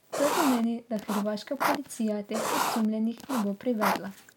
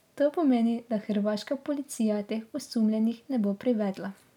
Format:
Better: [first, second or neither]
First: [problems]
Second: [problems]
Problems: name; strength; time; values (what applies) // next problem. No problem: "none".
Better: second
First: background sound (Writing); 2 dB below the speech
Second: none